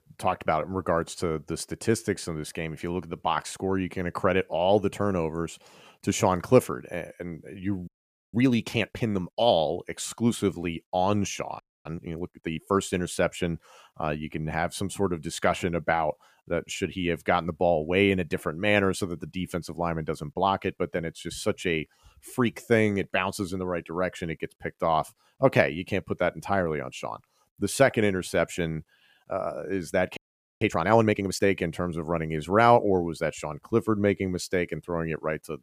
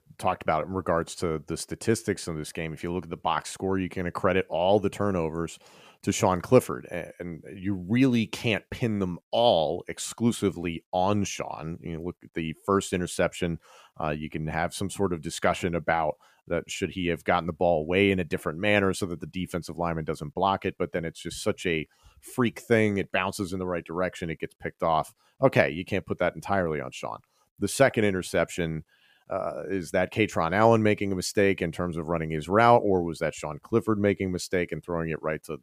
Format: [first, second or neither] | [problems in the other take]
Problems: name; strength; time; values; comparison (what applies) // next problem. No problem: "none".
second | audio freezing; at 8 s, at 12 s and at 30 s